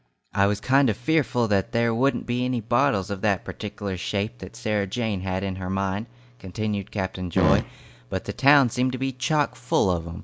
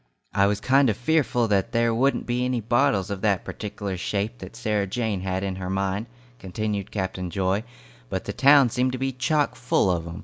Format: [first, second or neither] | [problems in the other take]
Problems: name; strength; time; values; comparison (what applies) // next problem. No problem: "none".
second | background sound (Fart); as loud as the speech